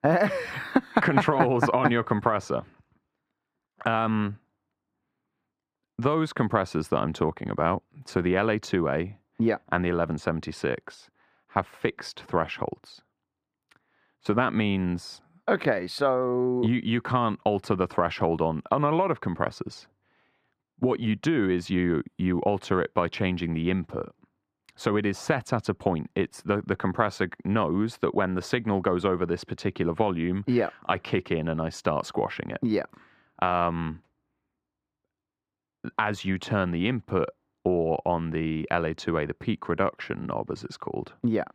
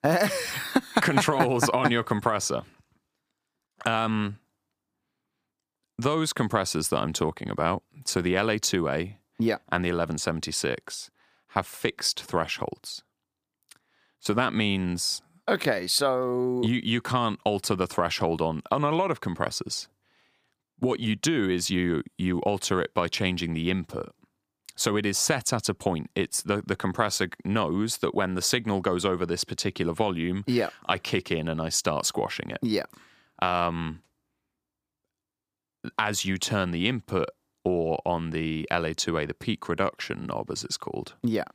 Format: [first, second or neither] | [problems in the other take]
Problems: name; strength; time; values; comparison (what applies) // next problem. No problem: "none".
second | muffled; very; fading above 4 kHz